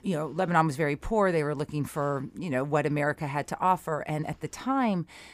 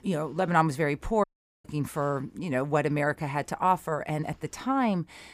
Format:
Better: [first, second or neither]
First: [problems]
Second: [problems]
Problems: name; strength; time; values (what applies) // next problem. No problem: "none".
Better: first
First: none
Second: audio cutting out; at 1 s